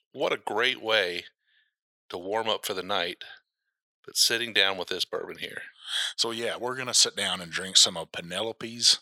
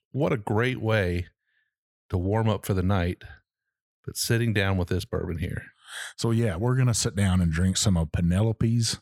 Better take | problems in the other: second | thin; very; fading below 550 Hz

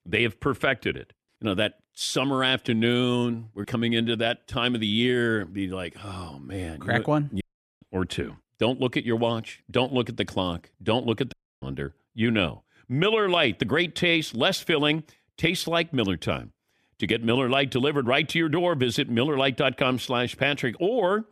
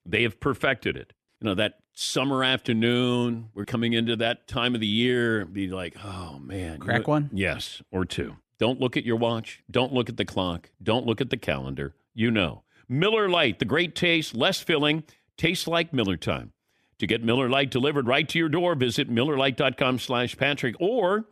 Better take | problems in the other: second | audio cutting out; at 7.5 s and at 11 s

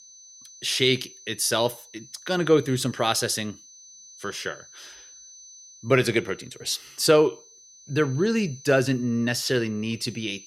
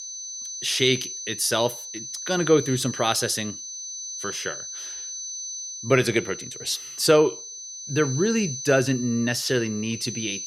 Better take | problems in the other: first | high-pitched whine; loud; throughout; 6 kHz, 9 dB below the speech; faint in the first

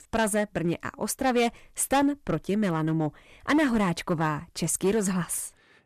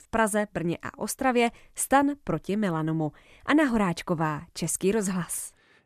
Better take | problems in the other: second | distortion; slight; 5% of the sound clipped

